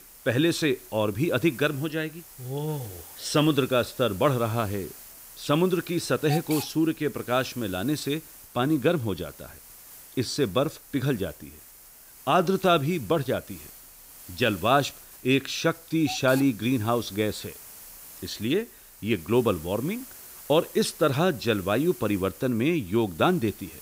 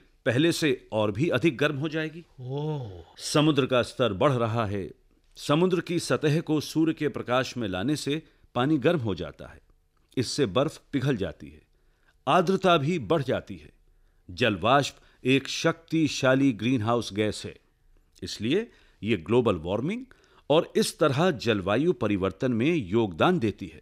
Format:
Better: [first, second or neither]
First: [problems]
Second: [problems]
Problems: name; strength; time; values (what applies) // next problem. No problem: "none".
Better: second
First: hiss; noticeable; throughout; 15 dB below the speech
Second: none